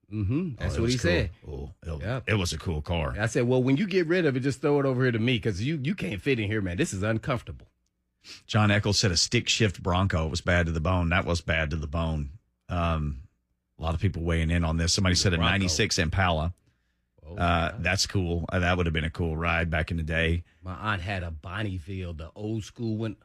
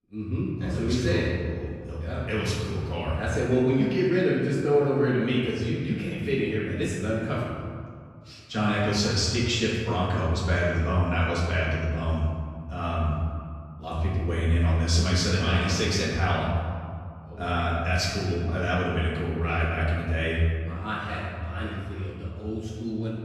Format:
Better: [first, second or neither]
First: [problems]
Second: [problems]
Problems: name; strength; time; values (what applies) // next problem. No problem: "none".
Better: first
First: none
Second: off-mic speech; far // room echo; noticeable; dies away in 1.8 s